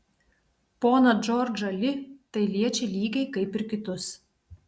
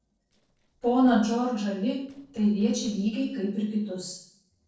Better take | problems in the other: first | noise reduction (neural separator model SepFormer DNS4)

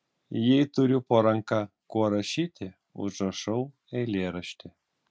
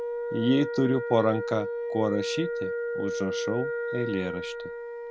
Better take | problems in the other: first | background sound (Wind instrument, woodwind instrument); 3 dB below the speech

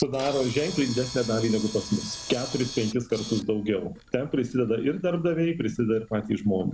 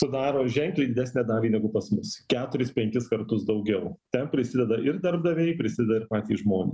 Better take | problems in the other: second | background sound (Camera); 15 dB below the speech

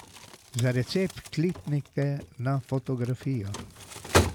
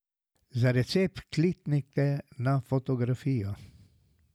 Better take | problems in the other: second | background sound (Crumpling, crinkling); 4 dB below the speech

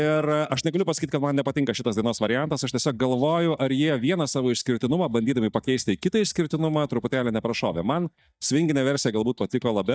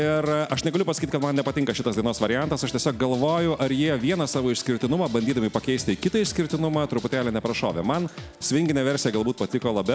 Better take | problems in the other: second | noise reduction (neural mask model DeepFilterNet 3)

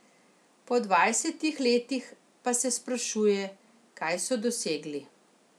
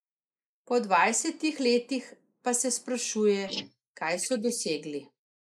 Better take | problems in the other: first | noise reduction (neural mask model Resemble Enhance denoiser)

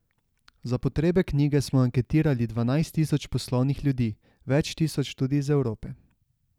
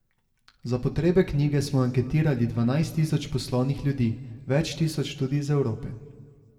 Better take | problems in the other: first | room echo; dies away in 1.1 s

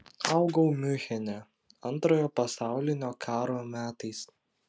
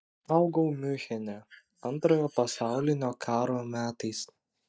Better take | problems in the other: first | noise reduction (neural mask model DeepFilterNet 3)

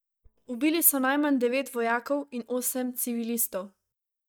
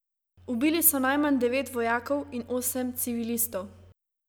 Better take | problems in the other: second | noise reduction (neural mask model DeepFilterNet 3)

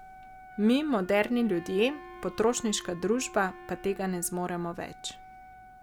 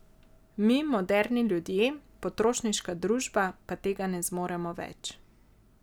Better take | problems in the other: second | background sound (Wind instrument, woodwind instrument + Wind instrument, woodwind instrument); 18 dB below the speech

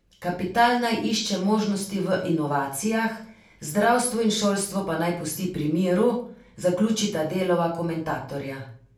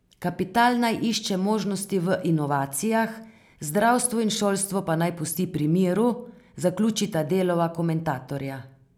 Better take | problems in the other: second | room echo; dies away in 0.3 s

